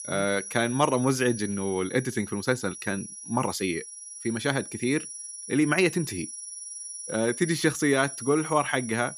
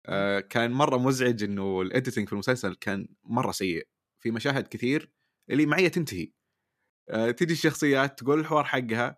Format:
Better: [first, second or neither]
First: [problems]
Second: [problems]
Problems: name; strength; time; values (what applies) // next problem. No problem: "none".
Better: second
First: high-pitched whine; loud; throughout; 10 kHz, 10 dB below the speech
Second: none